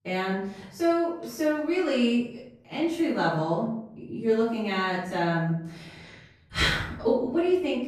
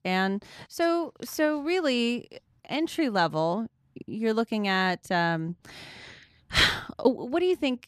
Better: second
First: off-mic speech; far // room echo; noticeable; dies away in 0.7 s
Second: none

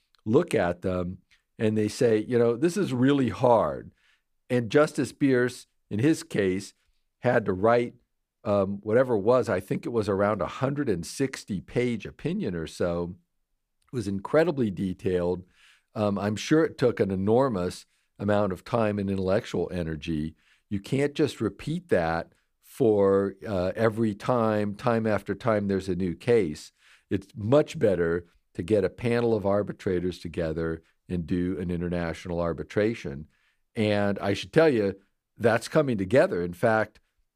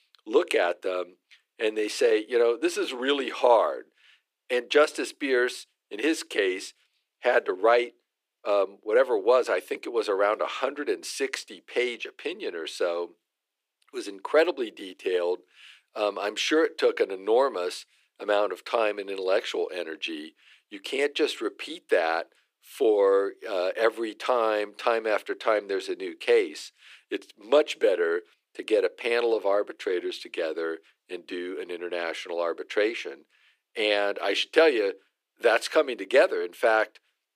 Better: first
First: none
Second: thin; very; fading below 350 Hz

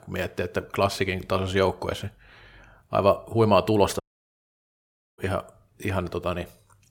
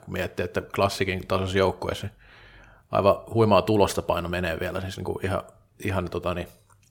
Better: second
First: audio cutting out; at 4 s for 1 s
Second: none

